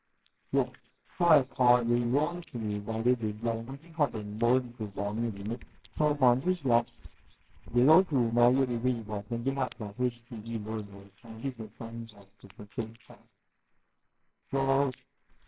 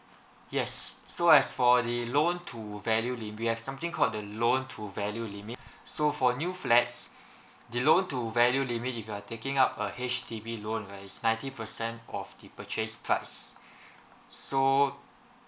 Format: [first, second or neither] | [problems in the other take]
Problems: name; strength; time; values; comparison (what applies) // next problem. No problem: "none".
second | noise reduction (neural separator model SepFormer WHAMR!)